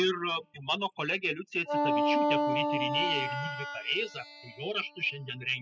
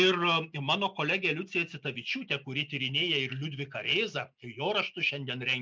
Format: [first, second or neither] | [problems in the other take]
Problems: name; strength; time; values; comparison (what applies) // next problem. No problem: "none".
second | noise reduction (classical method spectral subtraction)